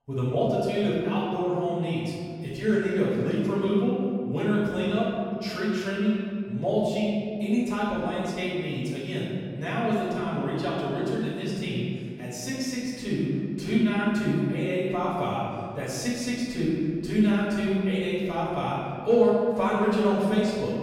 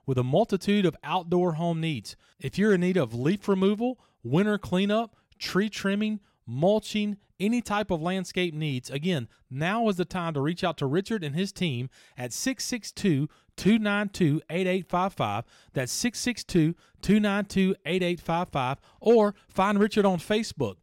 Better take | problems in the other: second | off-mic speech; far // room echo; strong; dies away in 2 s

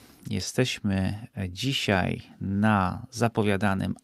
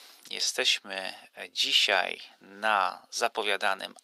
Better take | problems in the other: first | thin; very; fading below 550 Hz

